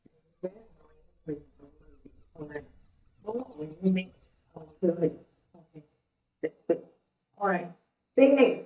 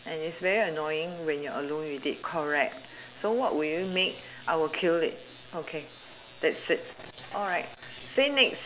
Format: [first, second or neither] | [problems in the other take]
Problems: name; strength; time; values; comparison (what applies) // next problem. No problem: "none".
second | noise reduction (neural mask model DeepFilterNet 3)